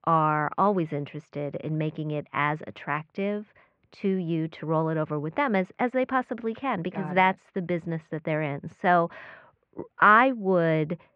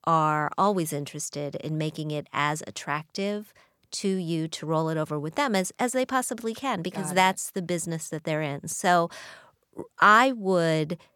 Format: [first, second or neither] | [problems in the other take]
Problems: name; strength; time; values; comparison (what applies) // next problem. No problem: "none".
second | muffled; very; fading above 2.5 kHz